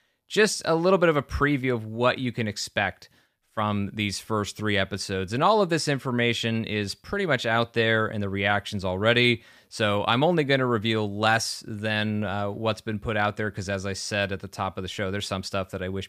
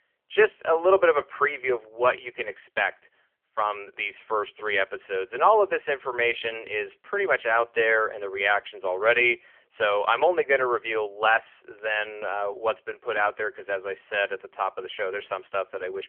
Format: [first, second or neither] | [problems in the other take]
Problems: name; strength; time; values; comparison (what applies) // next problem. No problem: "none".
first | phone-call audio; poor line; nothing above 3 kHz